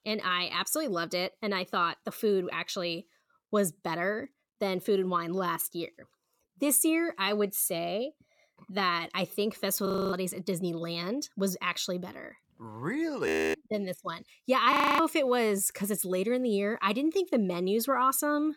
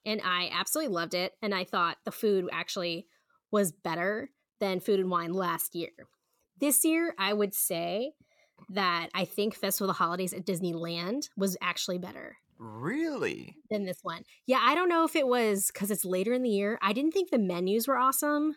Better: second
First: audio freezing; at 10 s, at 13 s and at 15 s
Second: none

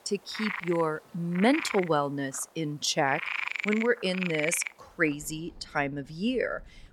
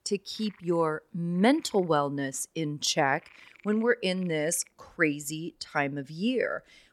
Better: second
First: animal sounds; loud; throughout; 5 dB below the speech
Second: animal sounds; faint; throughout; 30 dB below the speech

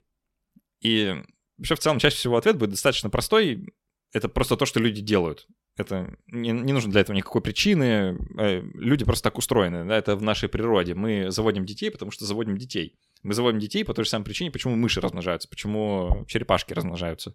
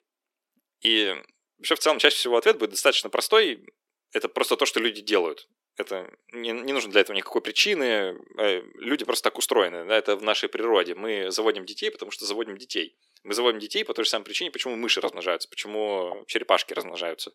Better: first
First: none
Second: thin; somewhat; fading below 300 Hz

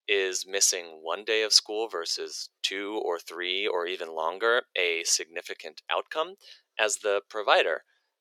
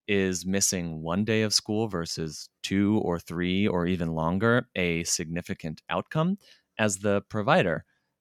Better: second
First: thin; very; fading below 400 Hz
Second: none

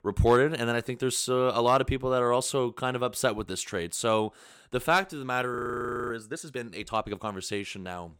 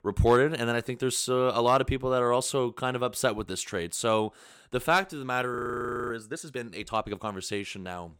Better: neither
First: audio freezing; at 5.5 s for 0.5 s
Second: audio freezing; at 5.5 s for 0.5 s

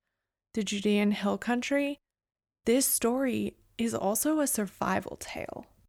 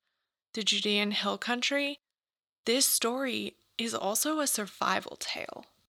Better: first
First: none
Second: thin; very slightly; fading below 300 Hz

